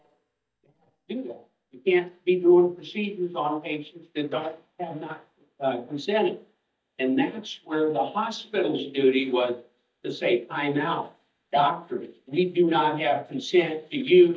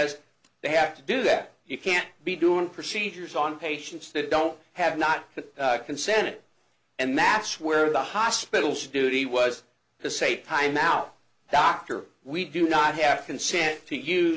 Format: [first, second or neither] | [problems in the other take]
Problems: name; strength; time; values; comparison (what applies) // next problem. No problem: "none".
second | noise reduction (neural mask model DeepFilterNet 3)